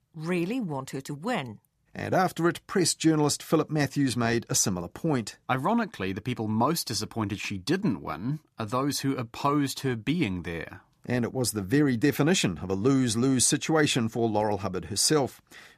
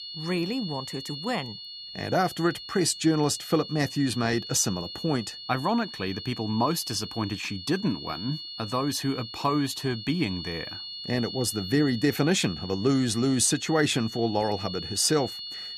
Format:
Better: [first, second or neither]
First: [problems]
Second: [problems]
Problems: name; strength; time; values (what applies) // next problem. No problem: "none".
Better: first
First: none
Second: high-pitched whine; loud; throughout; 4.5 kHz, 10 dB below the speech